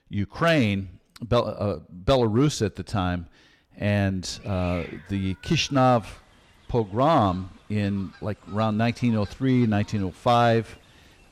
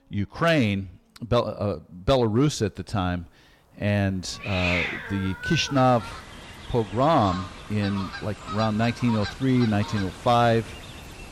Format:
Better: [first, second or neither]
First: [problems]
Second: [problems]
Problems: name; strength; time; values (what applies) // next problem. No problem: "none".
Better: first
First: animal sounds; faint; throughout; 25 dB below the speech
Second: animal sounds; loud; throughout; 9 dB below the speech